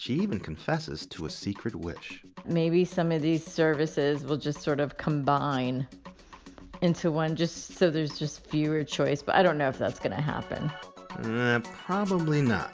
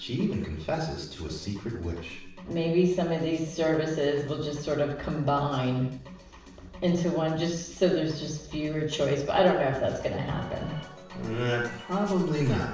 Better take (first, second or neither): first